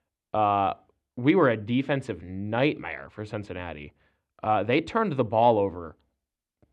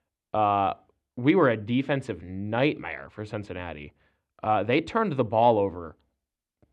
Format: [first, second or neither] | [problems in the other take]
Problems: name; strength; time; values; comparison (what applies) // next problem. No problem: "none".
neither | none